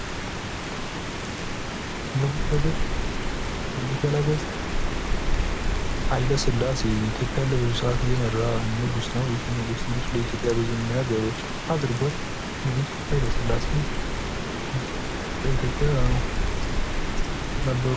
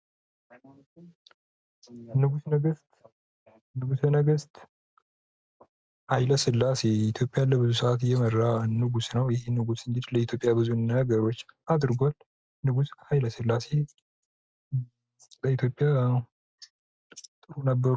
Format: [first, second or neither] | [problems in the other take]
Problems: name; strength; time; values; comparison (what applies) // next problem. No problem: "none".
second | background sound (Rain); 2 dB above the speech